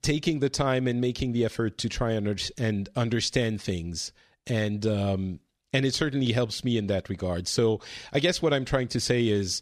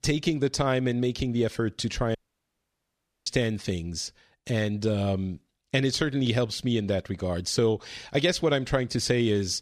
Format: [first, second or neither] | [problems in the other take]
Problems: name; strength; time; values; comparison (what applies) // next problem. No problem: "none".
first | audio cutting out; at 2 s for 1 s